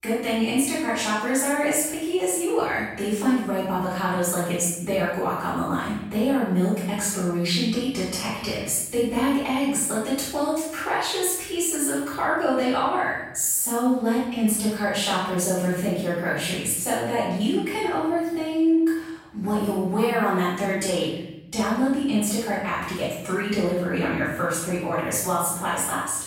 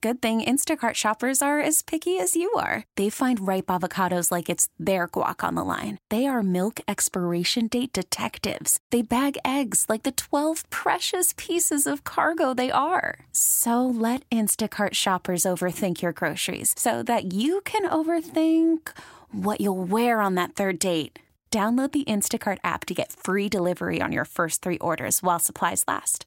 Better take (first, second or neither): second